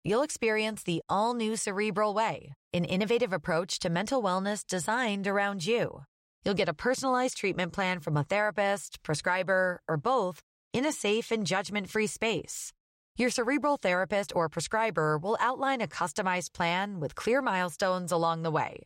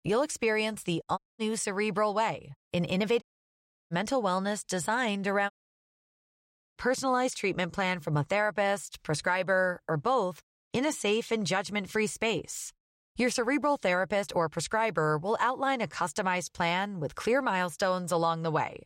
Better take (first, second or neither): first